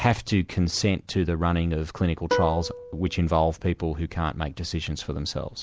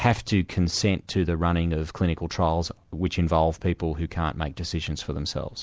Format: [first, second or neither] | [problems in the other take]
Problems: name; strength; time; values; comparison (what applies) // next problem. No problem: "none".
second | background sound (Plucked string instrument); 7 dB below the speech